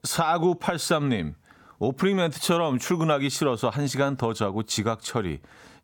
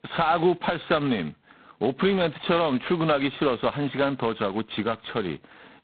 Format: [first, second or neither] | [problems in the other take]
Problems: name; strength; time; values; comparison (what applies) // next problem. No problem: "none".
first | phone-call audio; poor line; nothing above 4 kHz